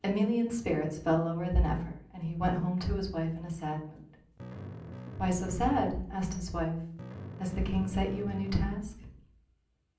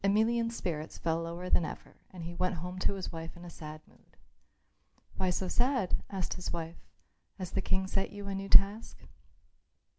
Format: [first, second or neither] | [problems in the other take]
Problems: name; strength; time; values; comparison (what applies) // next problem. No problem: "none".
second | background sound (Bass guitar); 10 dB below the speech // room echo; dies away in 0.6 s